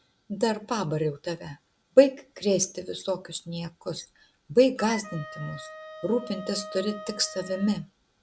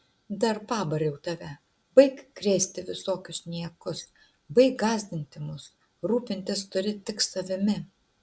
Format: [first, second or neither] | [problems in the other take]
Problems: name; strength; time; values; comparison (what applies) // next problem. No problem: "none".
second | background sound (Wind instrument, woodwind instrument); 14 dB below the speech